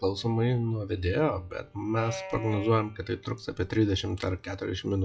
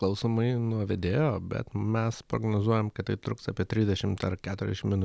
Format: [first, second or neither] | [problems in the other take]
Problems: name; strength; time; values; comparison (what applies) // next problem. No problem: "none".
second | noise reduction (classical method WPE with log-MMSE)